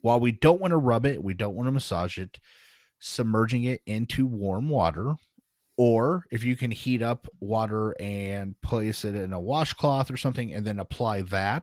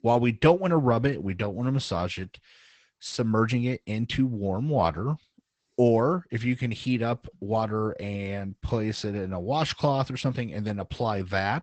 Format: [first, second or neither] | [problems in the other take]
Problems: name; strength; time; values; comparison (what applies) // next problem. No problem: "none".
first | garbled, watery; badly; nothing above 8 kHz; slightly in the first